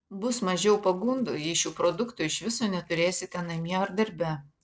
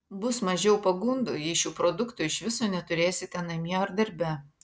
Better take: second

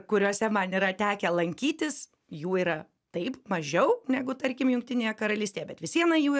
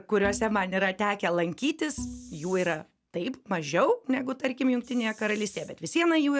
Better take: first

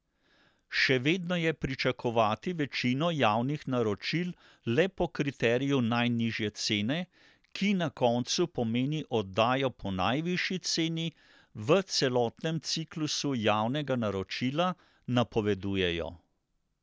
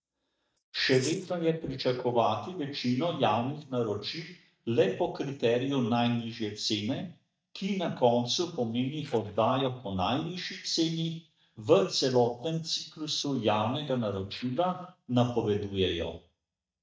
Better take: first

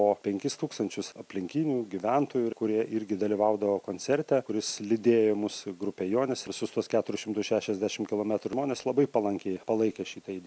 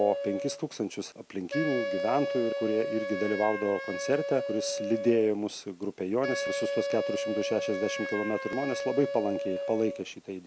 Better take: first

